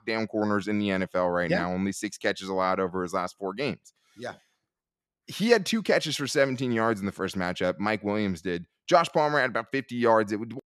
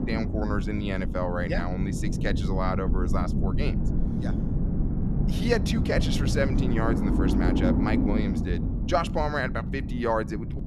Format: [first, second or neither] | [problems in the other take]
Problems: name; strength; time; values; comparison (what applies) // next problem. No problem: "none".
first | low rumble; loud; throughout; 5 dB below the speech